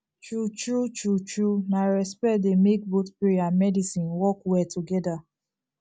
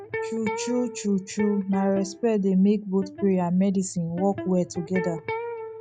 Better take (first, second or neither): first